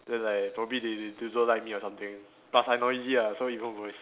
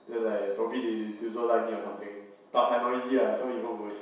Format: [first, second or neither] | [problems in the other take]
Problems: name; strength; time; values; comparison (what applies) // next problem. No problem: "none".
first | room echo; dies away in 0.7 s